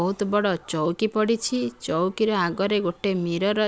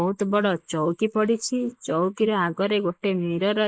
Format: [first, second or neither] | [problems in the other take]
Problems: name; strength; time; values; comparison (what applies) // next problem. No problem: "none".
first | noise reduction (neural mask model Resemble Enhance denoiser)